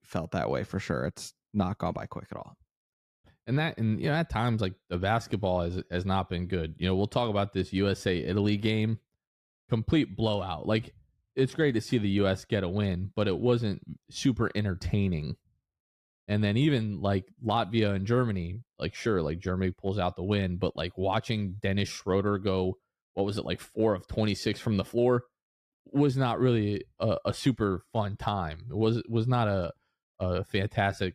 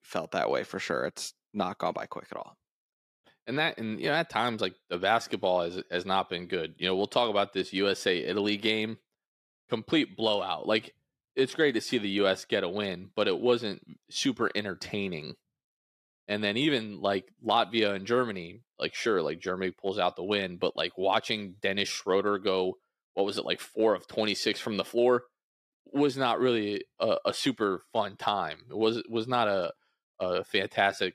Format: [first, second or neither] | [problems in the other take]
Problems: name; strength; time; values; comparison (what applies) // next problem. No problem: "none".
first | thin; somewhat; fading below 350 Hz